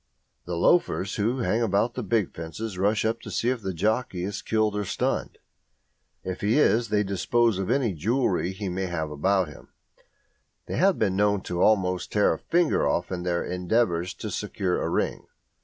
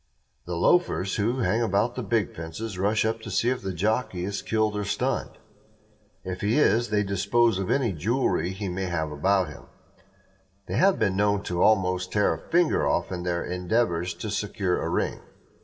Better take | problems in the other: first | room echo; dies away in 0.3 s

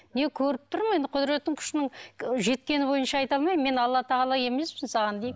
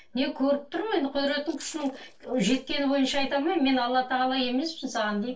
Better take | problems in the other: first | noise reduction (neural separator model SepFormer DNS4)

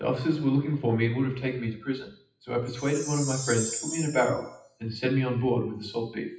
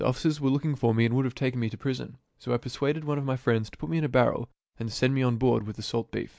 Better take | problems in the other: second | noise reduction (classical method WPE with log-MMSE)

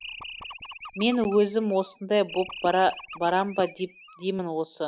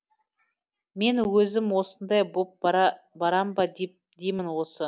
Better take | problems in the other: second | background sound (Animal); 16 dB below the speech

